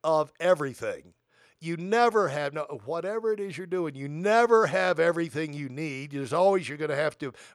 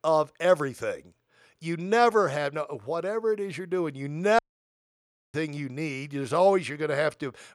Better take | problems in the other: first | audio cutting out; at 4.5 s for 1 s

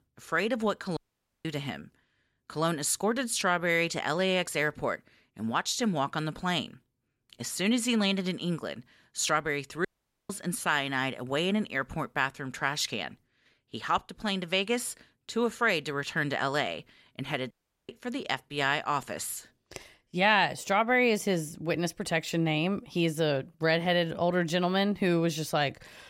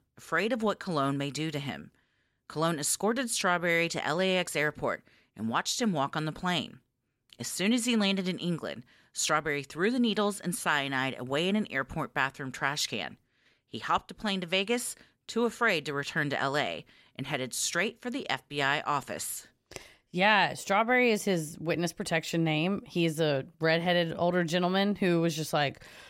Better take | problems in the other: second | audio cutting out; at 1 s, at 10 s and at 18 s

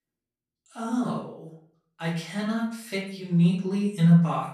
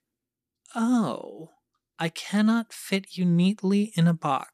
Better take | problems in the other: second | off-mic speech; far // room echo; noticeable; dies away in 0.5 s

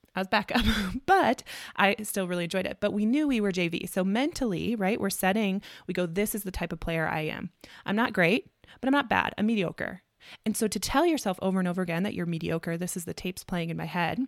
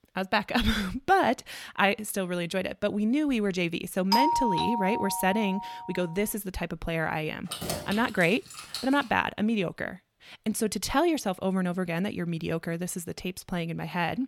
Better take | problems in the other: first | doorbell; loud; from 4 to 5.5 s; peak 4 dB above the speech // jangling keys; noticeable; from 7.5 to 9 s; peak 4 dB below the speech

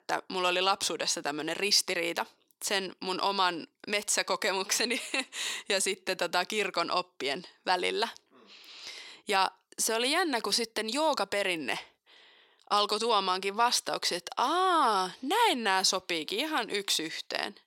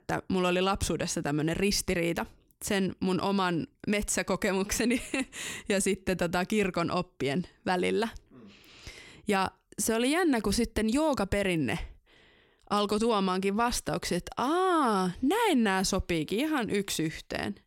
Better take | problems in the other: second | thin; somewhat; fading below 450 Hz

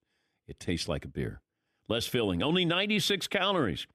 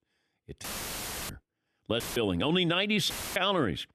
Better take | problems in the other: first | audio cutting out; filled with static; at 0.5 s for 0.5 s, at 2 s and at 3 s

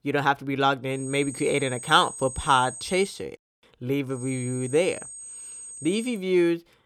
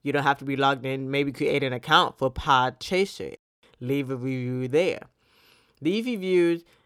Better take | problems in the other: second | high-pitched whine; noticeable; from 1 to 3 s and from 4 to 6 s; 8.5 kHz, 10 dB below the speech

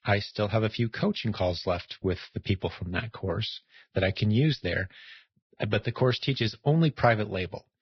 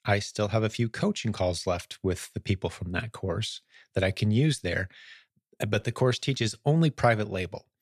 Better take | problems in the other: second | garbled, watery; badly; nothing above 5.5 kHz

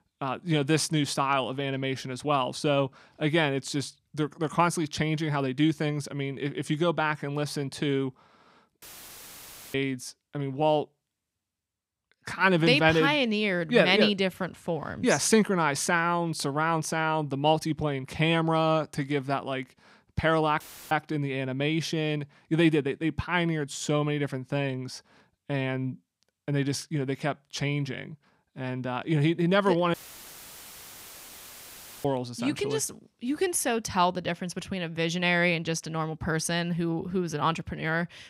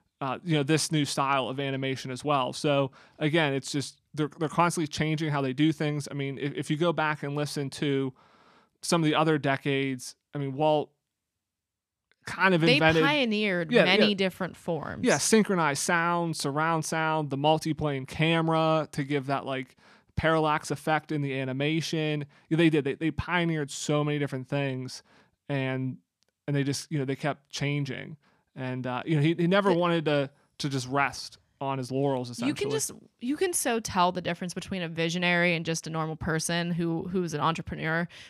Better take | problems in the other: second | audio cutting out; filled with static; at 9 s for 1 s, at 21 s and at 30 s for 2 s

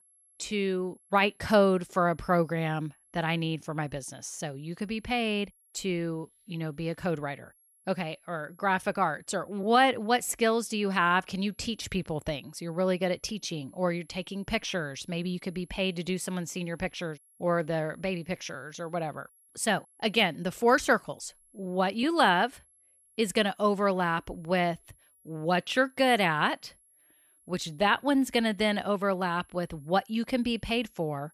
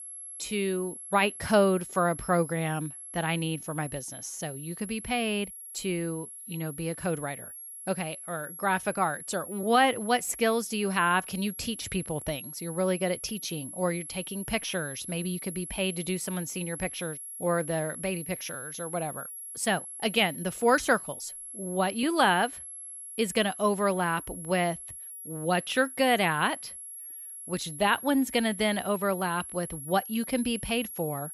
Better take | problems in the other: first | high-pitched whine; loud; throughout; 11 kHz, 10 dB below the speech; faint in the first

